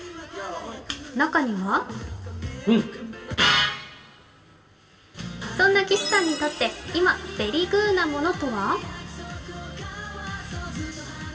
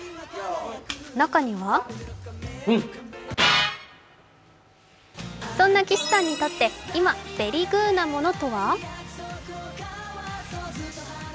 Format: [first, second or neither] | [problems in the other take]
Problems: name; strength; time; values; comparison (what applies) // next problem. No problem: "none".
second | room echo; dies away in 1.6 s